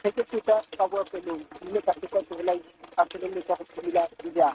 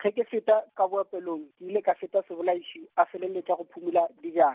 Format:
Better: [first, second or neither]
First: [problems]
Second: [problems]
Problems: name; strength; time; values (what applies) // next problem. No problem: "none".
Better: second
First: noise reduction (neural mask model RNNoise)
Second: none